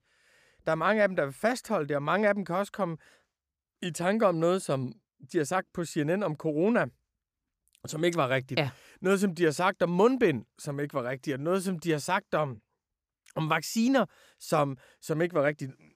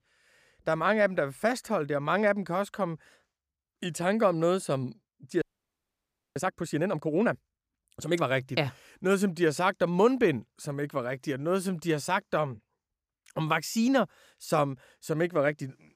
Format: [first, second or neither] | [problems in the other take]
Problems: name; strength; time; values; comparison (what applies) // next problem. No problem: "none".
first | audio freezing; at 5.5 s for 1 s